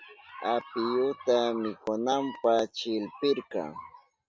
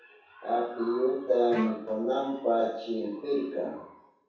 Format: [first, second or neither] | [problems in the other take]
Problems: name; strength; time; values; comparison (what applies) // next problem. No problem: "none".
first | background sound (Bowed string instrument); 9 dB below the speech // room echo; dies away in 0.7 s